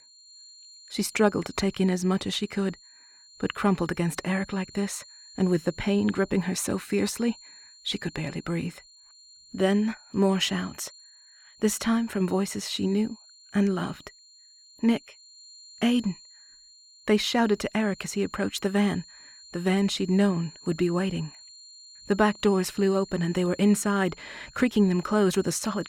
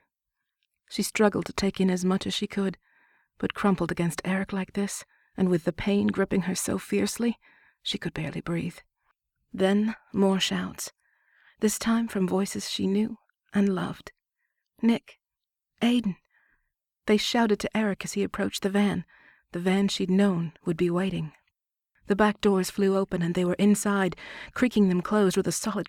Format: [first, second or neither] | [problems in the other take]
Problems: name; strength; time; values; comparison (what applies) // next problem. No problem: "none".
second | high-pitched whine; faint; throughout; 4 kHz, 20 dB below the speech